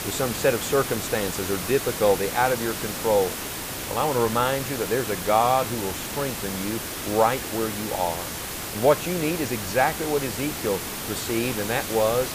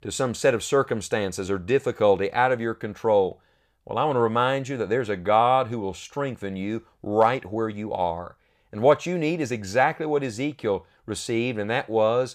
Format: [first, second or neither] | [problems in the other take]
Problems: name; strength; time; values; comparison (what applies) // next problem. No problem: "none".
second | hiss; loud; throughout; 5 dB below the speech